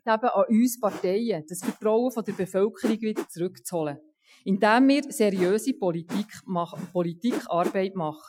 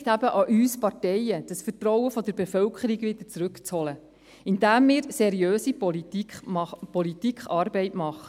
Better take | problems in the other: second | noise reduction (classical method Wiener filter)

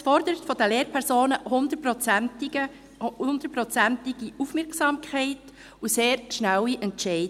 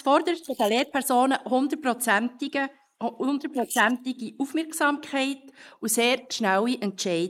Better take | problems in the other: first | noise reduction (neural mask model Resemble Enhance denoiser)

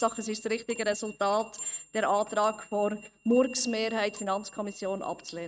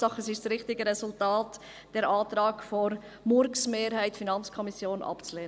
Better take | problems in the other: second | noise reduction (neural mask model RNNoise)

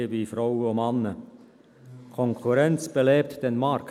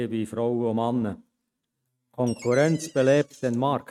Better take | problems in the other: first | noise reduction (neural mask model RNNoise)

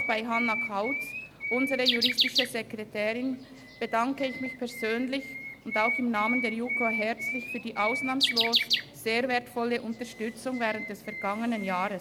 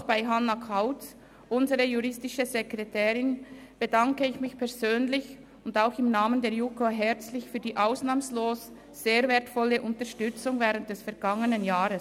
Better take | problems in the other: second | background sound (Bird); 2 dB below the speech

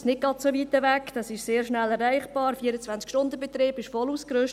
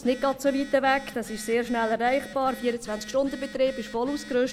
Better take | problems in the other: first | background sound (Telephone); 17 dB below the speech

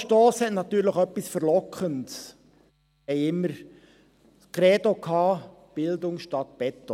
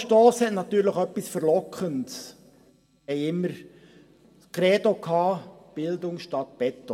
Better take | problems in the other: first | room echo; dies away in 1.7 s

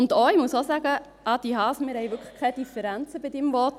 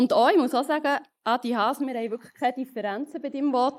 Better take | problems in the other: first | noise reduction (neural mask model Resemble Enhance denoiser)

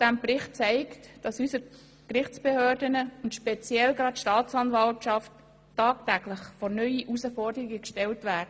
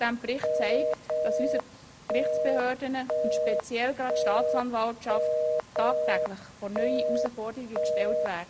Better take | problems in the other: first | background sound (Telephone); 3 dB above the speech

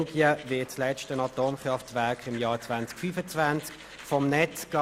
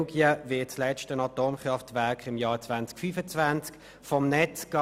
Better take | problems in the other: second | background sound (Domestic sounds, home sounds + Applause / Cheering); 20 dB below the speech

